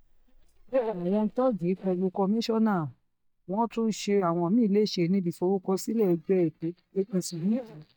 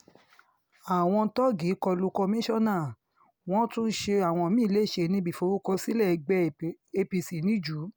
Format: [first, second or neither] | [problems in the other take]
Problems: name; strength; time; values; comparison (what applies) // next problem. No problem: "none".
second | noise reduction (neural mask model DeepFilterNet 3)